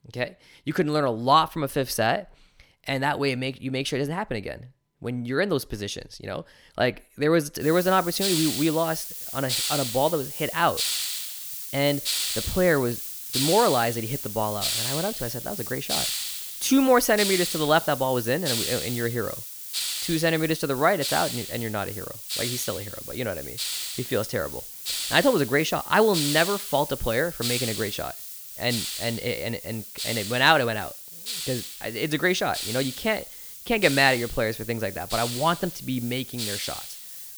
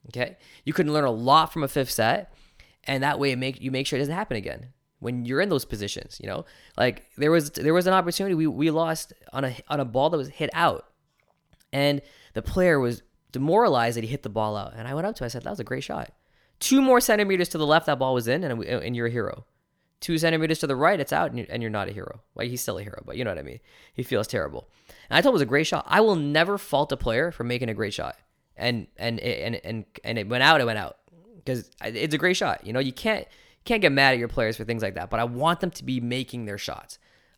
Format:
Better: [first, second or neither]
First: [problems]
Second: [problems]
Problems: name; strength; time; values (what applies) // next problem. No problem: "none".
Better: second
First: hiss; loud; from 7.5 s on; 4 dB below the speech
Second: none